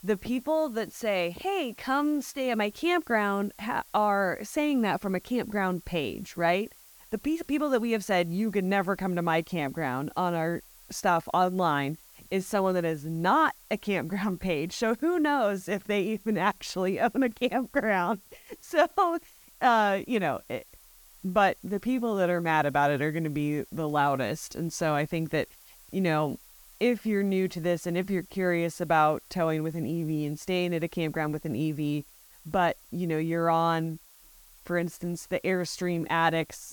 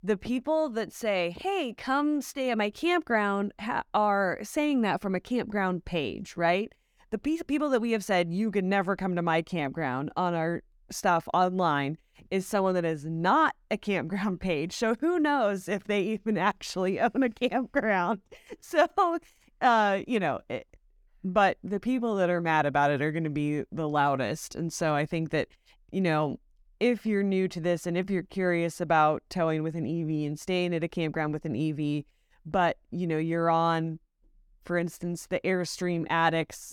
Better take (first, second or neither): second